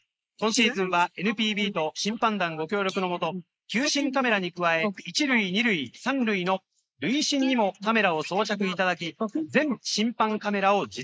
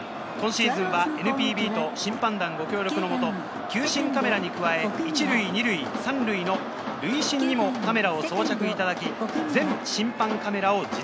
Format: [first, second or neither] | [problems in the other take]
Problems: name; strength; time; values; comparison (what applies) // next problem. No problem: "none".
second | noise reduction (neural mask model Resemble Enhance denoiser)